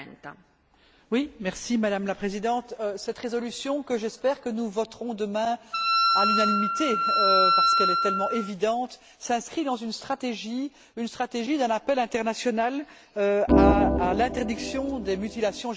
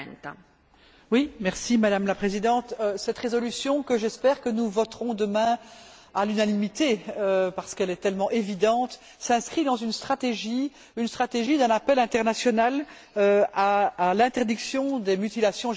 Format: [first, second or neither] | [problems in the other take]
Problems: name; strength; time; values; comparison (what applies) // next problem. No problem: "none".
second | background sound (Organ + Wind instrument, woodwind instrument); 4 dB above the speech